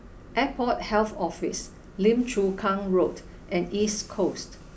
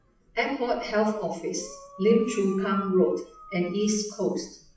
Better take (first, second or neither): first